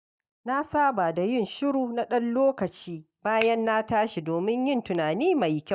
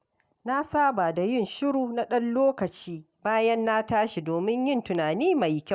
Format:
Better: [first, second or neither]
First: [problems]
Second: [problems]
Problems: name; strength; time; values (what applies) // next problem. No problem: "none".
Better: second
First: noise reduction (neural mask model DeepFilterNet 3)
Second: none